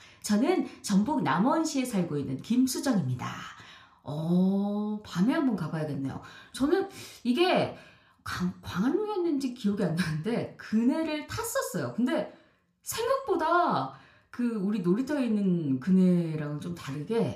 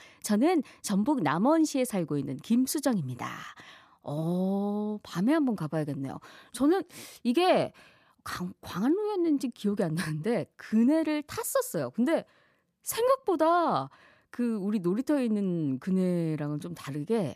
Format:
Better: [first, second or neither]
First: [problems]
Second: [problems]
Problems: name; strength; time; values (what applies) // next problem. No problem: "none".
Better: second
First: room echo; very slight; dies away in 0.3 s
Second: none